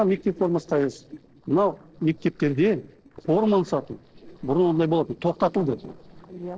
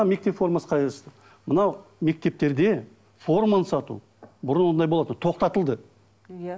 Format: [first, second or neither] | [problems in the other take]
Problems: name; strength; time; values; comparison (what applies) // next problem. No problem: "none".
second | noise reduction (neural separator model SepFormer DNS4)